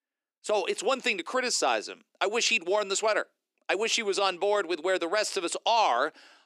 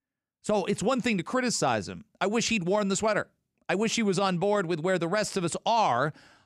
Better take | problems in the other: second | thin; very; fading below 300 Hz

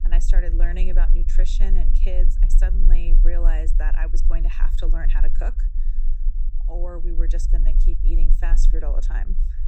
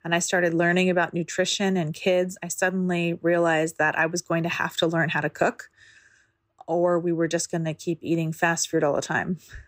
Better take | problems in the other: second | low rumble; noticeable; throughout; 10 dB below the speech

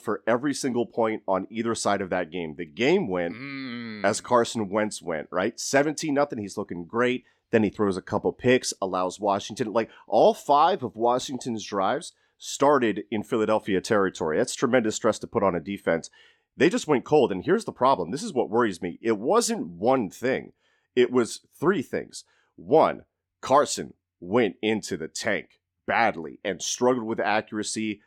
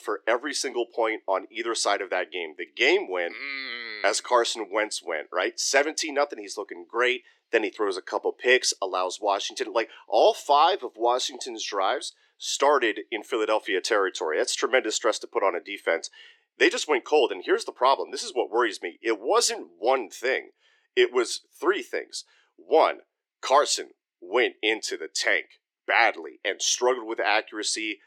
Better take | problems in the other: first | thin; very; fading below 350 Hz

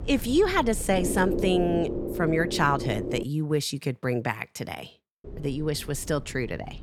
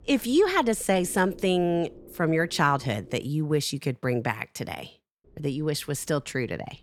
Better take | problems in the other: second | low rumble; loud; until 3 s and from 5 s on; 7 dB below the speech; faint in the second

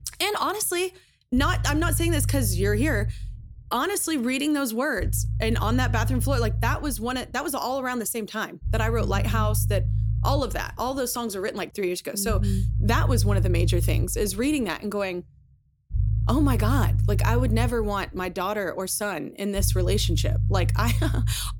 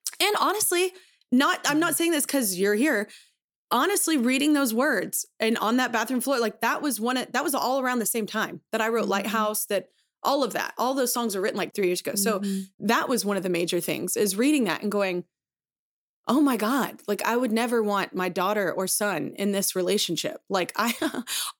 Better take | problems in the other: second | low rumble; noticeable; throughout; 15 dB below the speech

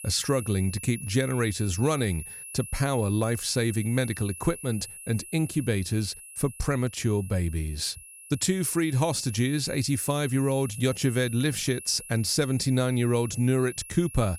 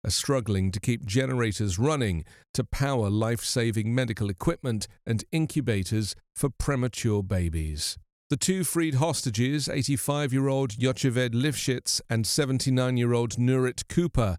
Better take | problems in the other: second | high-pitched whine; noticeable; throughout; 10.5 kHz, 15 dB below the speech

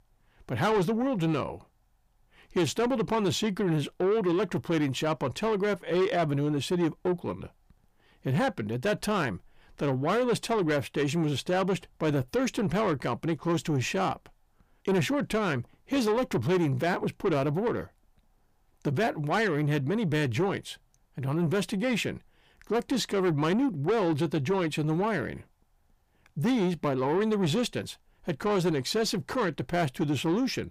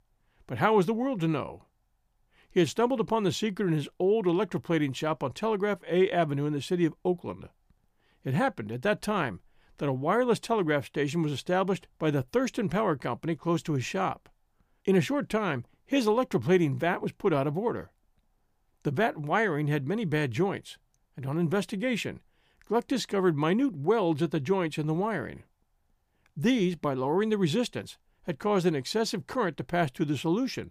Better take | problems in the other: second | distortion; slight; 10 dB below the speech

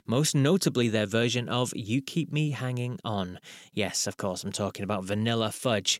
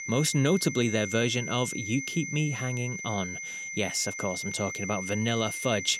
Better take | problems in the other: first | high-pitched whine; loud; throughout; 2 kHz, 6 dB below the speech

